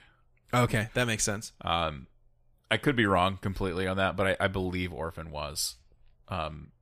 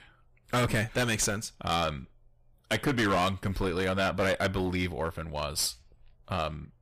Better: first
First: none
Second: distortion; heavy; 9% of the sound clipped

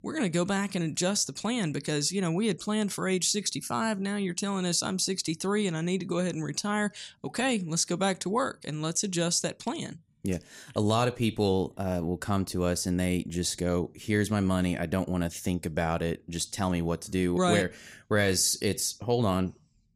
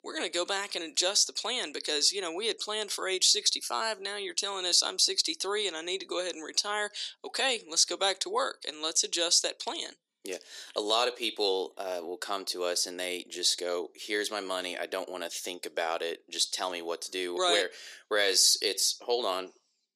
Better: first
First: none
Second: thin; very; fading below 350 Hz

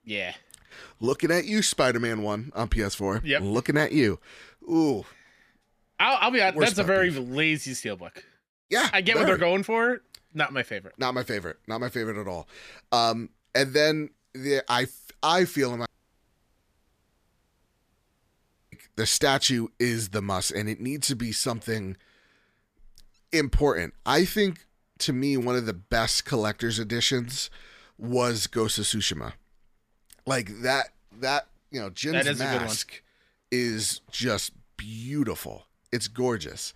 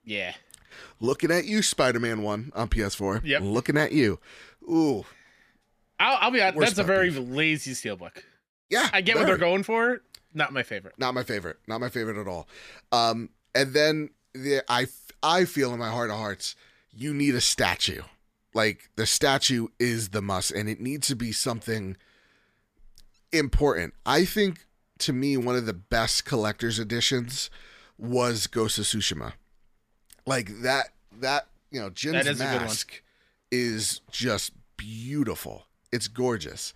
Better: second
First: audio cutting out; at 16 s for 3 s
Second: none

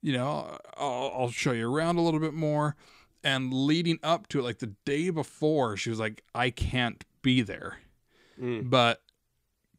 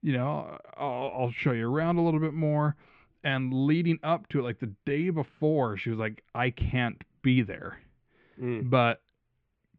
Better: first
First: none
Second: muffled; very; fading above 2.5 kHz

